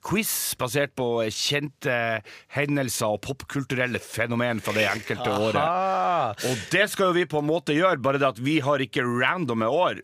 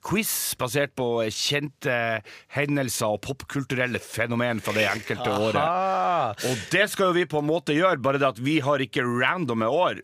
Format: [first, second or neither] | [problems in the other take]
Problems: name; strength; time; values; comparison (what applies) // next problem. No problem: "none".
neither | none